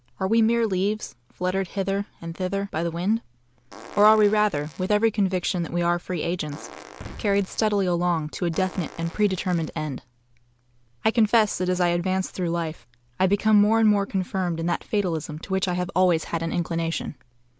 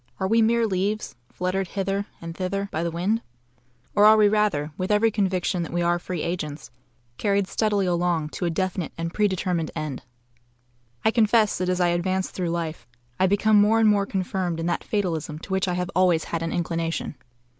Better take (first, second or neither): second